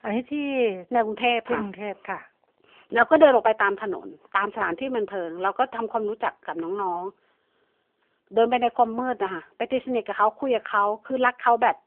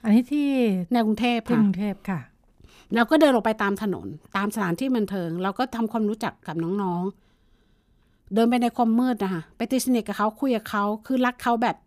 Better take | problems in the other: second | phone-call audio; nothing above 3 kHz

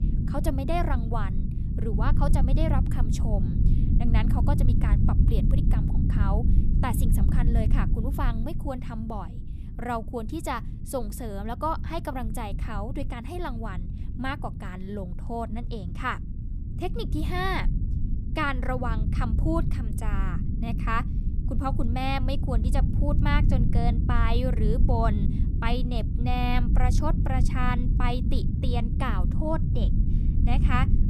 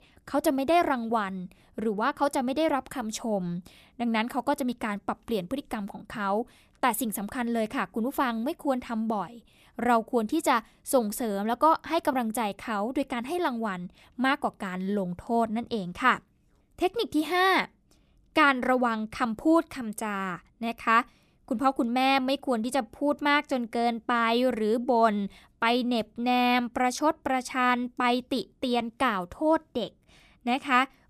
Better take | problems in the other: second | low rumble; loud; throughout; 8 dB below the speech

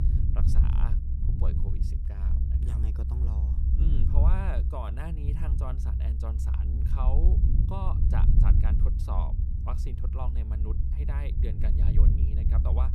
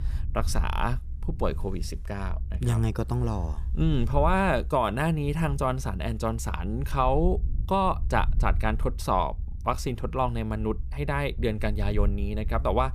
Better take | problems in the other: second | low rumble; loud; throughout; 1 dB below the speech; faint in the second

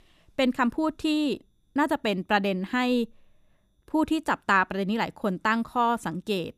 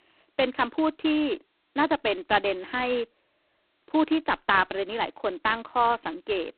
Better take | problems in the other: first | phone-call audio; poor line; nothing above 4 kHz

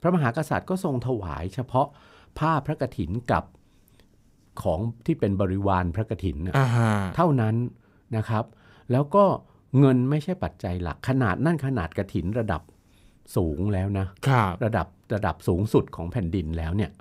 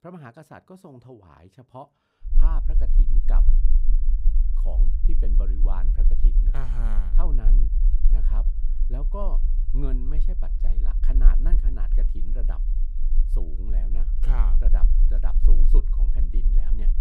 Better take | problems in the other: first | low rumble; loud; from 2.5 s on; 7 dB below the speech

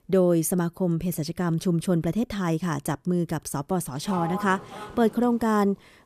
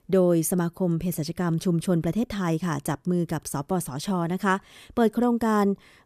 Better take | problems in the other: second | door banging; noticeable; from 4 to 5.5 s; peak 7 dB below the speech

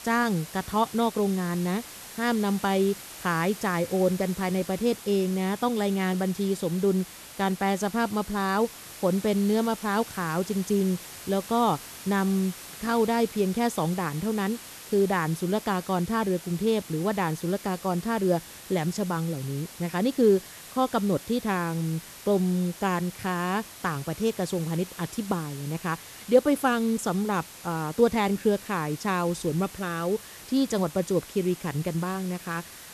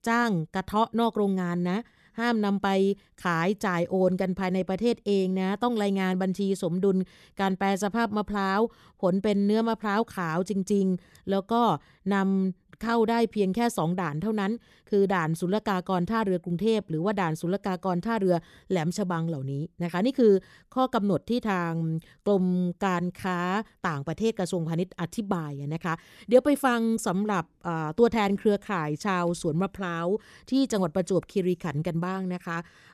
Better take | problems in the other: second | hiss; noticeable; throughout; 15 dB below the speech

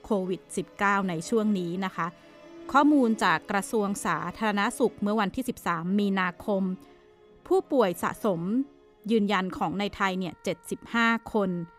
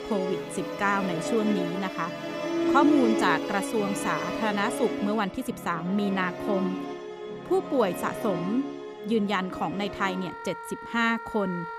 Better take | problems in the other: first | background music; loud; throughout; 4 dB below the speech; faint in the first

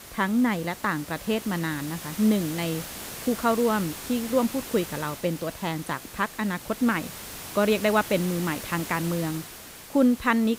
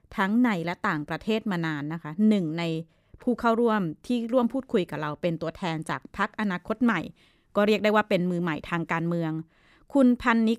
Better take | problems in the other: second | hiss; noticeable; throughout; 10 dB below the speech

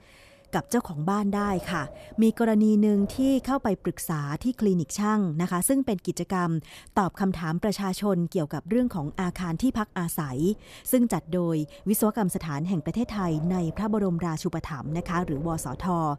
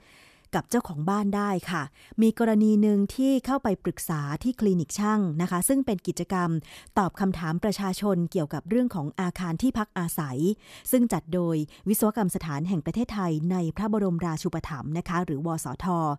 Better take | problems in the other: second | wind noise on the microphone; occasional gusts; 20 dB below the speech

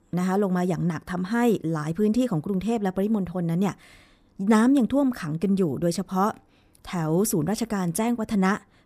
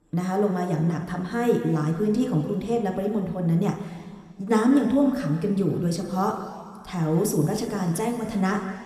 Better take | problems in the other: first | room echo; slight; dies away in 1.9 s

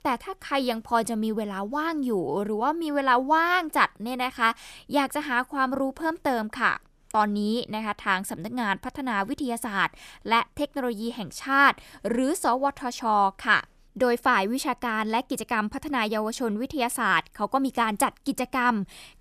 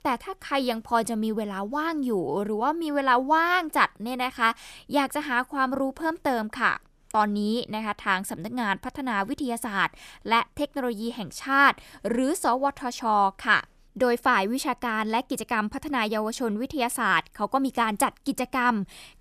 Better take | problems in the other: neither | none

